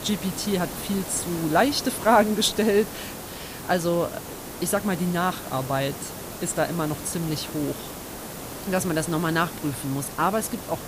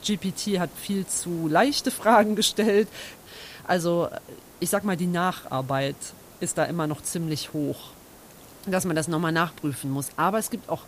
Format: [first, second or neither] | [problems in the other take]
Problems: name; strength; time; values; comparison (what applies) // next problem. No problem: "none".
second | hiss; loud; throughout; 10 dB below the speech; faint in the second